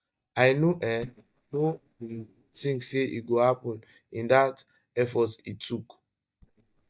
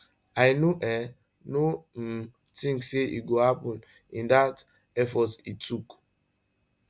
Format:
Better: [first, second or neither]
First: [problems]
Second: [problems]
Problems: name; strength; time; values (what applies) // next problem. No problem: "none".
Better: second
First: noise reduction (neural mask model DeepFilterNet 3)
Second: none